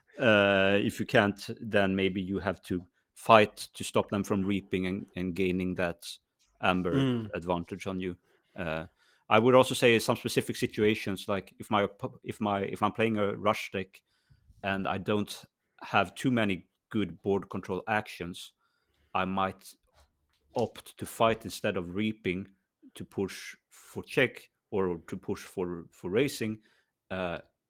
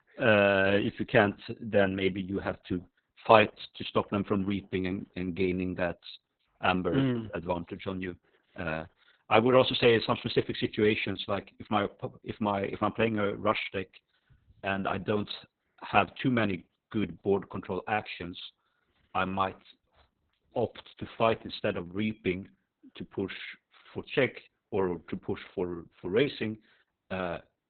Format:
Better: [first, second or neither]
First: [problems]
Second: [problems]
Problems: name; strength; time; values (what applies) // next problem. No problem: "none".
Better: first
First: garbled, watery; slightly; nothing above 17 kHz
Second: garbled, watery; badly; nothing above 4 kHz